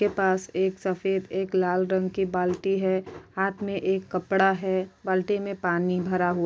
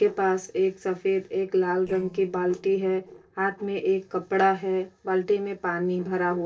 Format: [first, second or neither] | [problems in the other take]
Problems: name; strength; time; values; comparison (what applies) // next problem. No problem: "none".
first | noise reduction (neural separator model SepFormer DNS4)